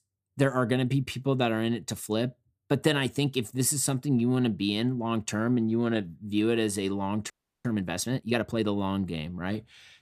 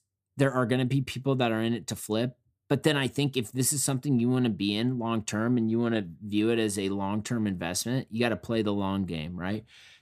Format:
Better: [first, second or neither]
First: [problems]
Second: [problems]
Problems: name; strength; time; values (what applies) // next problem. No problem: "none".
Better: second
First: audio freezing; at 7.5 s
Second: none